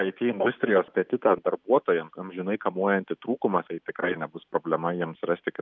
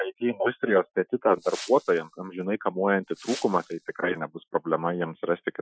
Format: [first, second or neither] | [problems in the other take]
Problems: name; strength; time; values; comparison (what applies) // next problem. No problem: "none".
first | noise reduction (classical method Wiener filter)